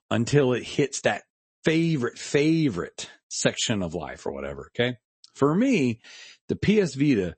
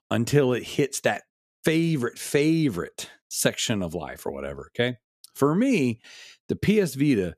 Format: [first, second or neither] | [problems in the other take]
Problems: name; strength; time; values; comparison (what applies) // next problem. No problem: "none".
second | garbled, watery; slightly; nothing above 8 kHz